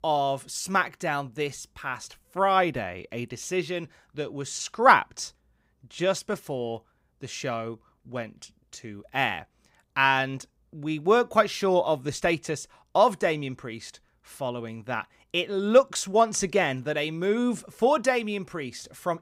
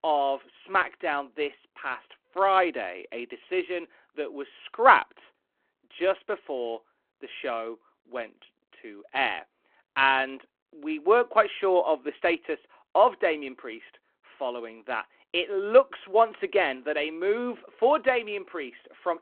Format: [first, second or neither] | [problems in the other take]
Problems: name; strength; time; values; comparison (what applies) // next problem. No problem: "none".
first | phone-call audio